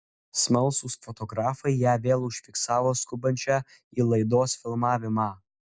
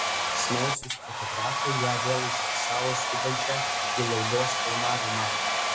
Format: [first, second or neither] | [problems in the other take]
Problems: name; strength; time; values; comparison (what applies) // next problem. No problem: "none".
first | background sound (Domestic sounds, home sounds); 4 dB above the speech // room echo; dies away in 0.4 s